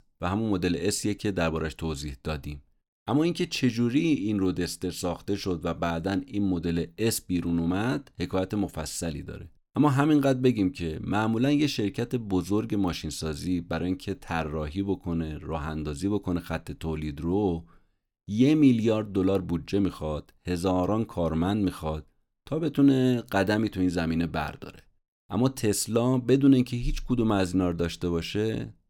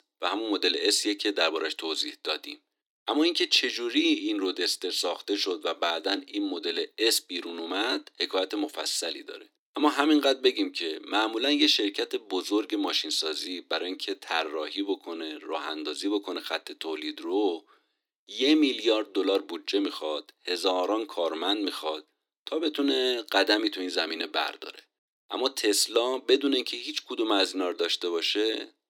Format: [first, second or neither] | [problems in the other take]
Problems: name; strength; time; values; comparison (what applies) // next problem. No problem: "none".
first | thin; somewhat; fading below 300 Hz